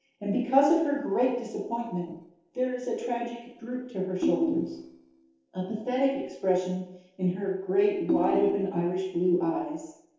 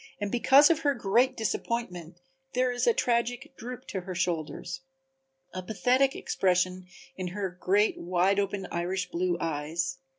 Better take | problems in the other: second | noise reduction (neural separator model SepFormer DNS4)

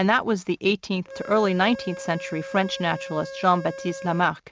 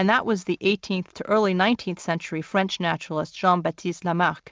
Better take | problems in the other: second | background sound (Organ); 13 dB below the speech

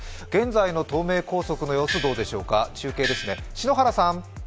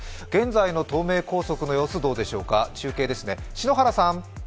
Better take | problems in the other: second | background sound (Gong); 5 dB below the speech

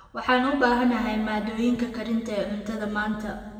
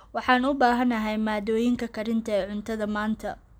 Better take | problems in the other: second | room echo; dies away in 1.7 s

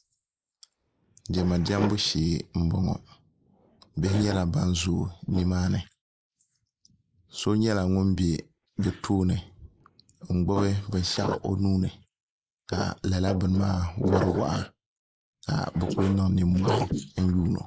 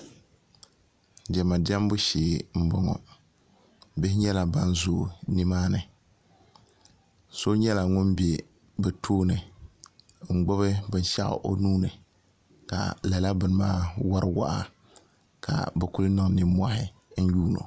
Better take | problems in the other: second | noise reduction (neural mask model Resemble Enhance denoiser)

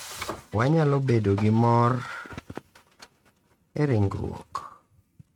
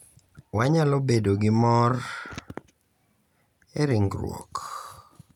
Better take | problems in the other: second | noise reduction (neural mask model RNNoise)

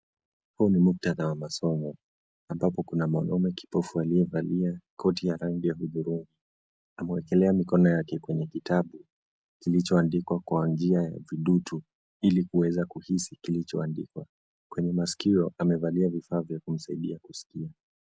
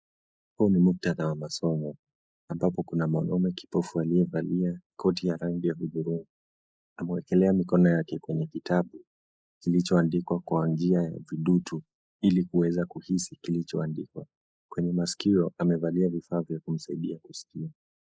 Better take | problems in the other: first | noise reduction (neural mask model Resemble Enhance denoiser)

